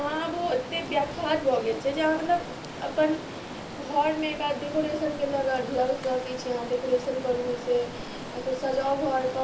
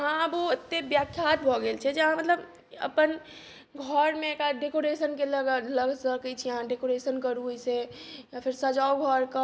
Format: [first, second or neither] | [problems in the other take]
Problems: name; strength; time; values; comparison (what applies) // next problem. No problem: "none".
second | background sound (Stream); 10 dB below the speech // room echo; dies away in 0.3 s